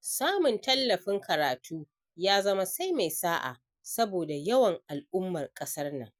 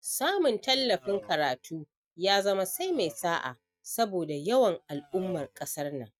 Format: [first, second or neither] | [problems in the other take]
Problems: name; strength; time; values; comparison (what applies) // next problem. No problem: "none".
first | noise reduction (neural mask model RNNoise)